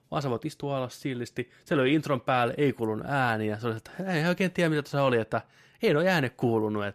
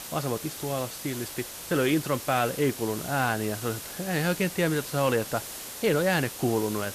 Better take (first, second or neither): first